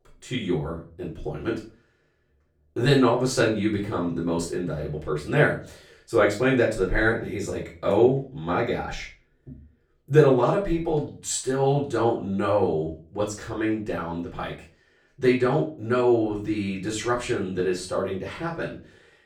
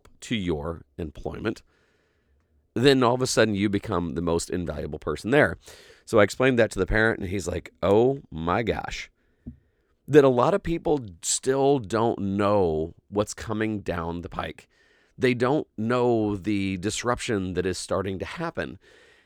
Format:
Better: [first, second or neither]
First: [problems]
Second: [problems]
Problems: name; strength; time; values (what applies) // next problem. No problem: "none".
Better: second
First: off-mic speech; far // room echo; slight; dies away in 0.3 s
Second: none